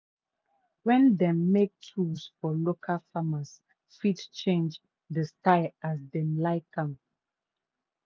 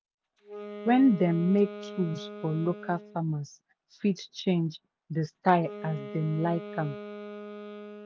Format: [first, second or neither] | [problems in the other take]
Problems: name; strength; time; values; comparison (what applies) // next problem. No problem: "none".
first | background sound (Wind instrument, woodwind instrument); 13 dB below the speech